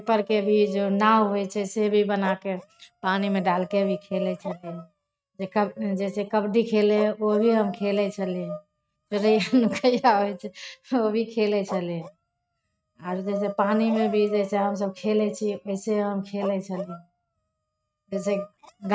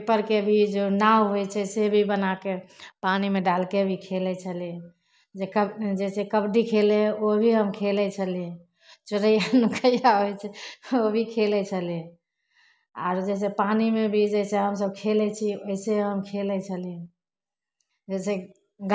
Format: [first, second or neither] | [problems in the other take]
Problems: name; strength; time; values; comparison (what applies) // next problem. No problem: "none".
second | noise reduction (neural mask model RNNoise)